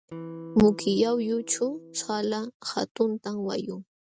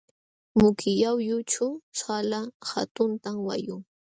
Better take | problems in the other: second | background sound (Electric guitar); 15 dB below the speech

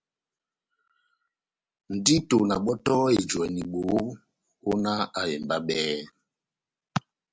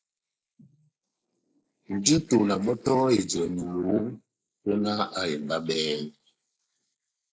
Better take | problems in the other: first | noise reduction (neural mask model Resemble Enhance denoiser)

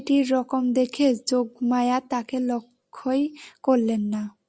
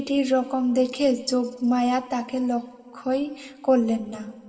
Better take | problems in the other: first | room echo; dies away in 1.4 s

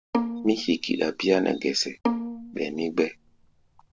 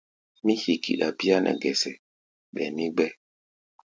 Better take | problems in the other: second | background sound (Bowed string instrument); 6 dB below the speech

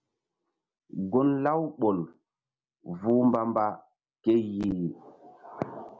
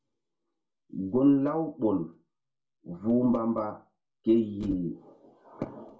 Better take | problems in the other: first | room echo; dies away in 0.2 s

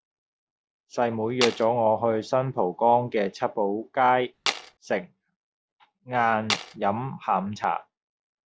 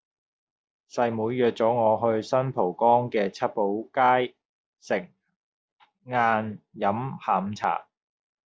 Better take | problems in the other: second | background sound (Tools); 4 dB below the speech

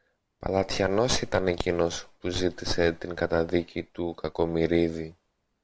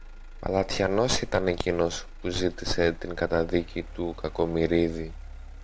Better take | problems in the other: first | background sound (Motor vehicle (road)); 13 dB below the speech

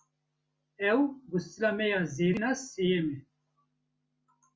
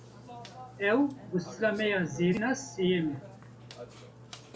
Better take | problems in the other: first | background sound (Burping, eructation); 15 dB below the speech

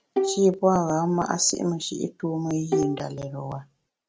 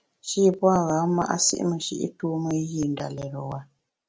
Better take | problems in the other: second | background sound (Bowed string instrument); 5 dB below the speech

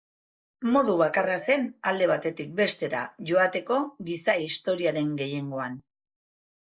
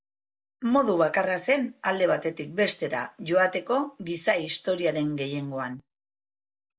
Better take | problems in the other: second | noise reduction (neural mask model Resemble Enhance denoiser)

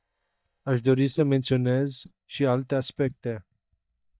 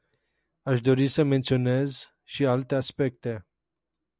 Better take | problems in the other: second | noise reduction (neural mask model DeepFilterNet 3)

